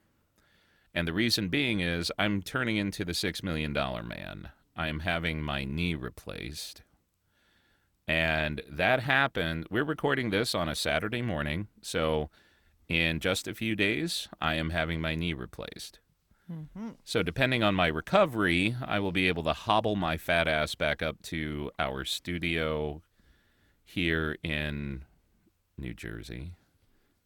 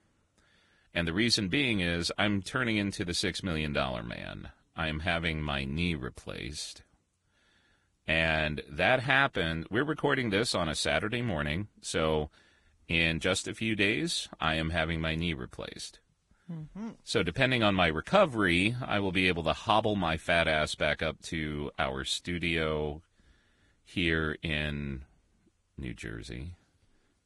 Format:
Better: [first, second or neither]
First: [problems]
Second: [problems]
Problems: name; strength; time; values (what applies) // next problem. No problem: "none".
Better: first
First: none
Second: garbled, watery; badly; nothing above 10.5 kHz